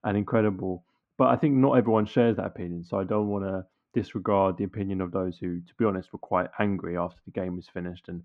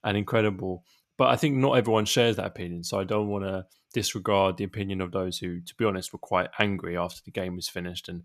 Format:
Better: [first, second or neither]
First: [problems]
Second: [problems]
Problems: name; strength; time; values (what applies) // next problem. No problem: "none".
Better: second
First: muffled; very; fading above 1.5 kHz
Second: none